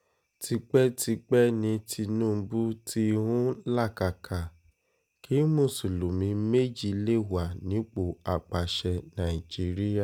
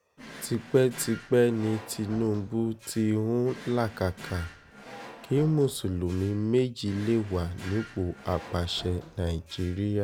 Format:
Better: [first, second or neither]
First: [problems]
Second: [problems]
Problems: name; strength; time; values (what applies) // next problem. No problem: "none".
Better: first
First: none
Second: background sound (Drawer open or close); 18 dB below the speech